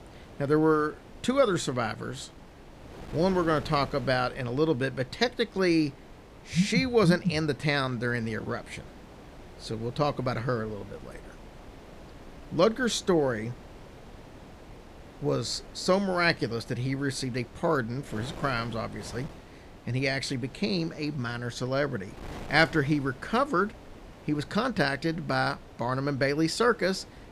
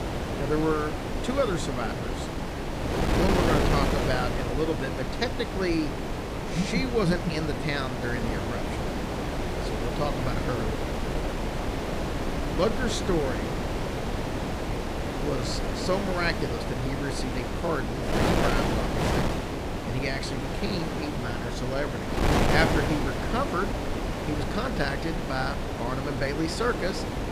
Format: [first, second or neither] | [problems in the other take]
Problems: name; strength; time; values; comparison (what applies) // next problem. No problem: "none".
first | wind noise on the microphone; heavy; as loud as the speech; occasional gusts in the first